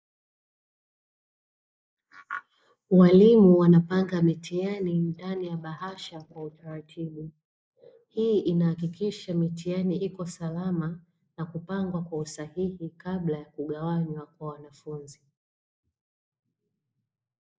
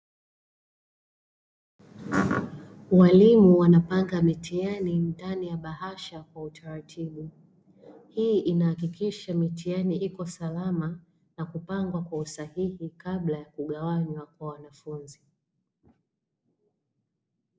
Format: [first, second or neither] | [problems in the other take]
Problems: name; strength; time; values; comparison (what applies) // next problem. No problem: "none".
second | noise reduction (neural mask model Resemble Enhance denoiser)